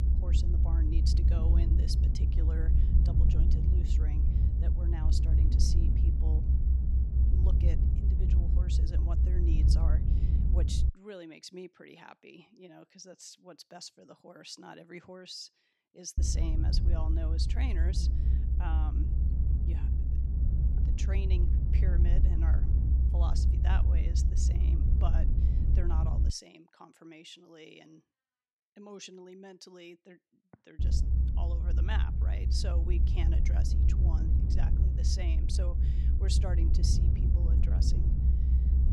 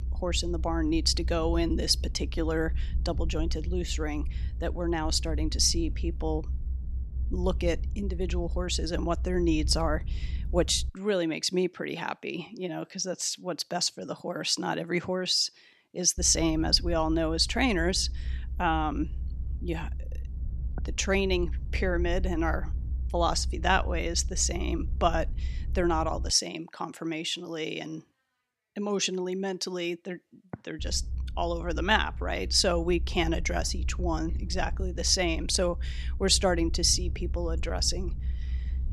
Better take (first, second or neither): second